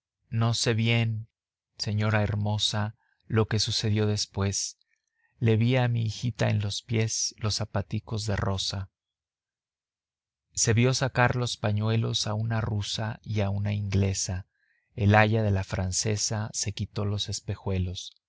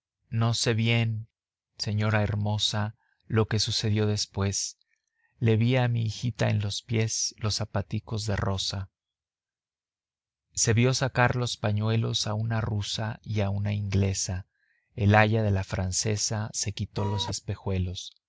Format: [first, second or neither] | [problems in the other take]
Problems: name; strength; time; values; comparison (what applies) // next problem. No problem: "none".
first | background sound (Printer); 8 dB below the speech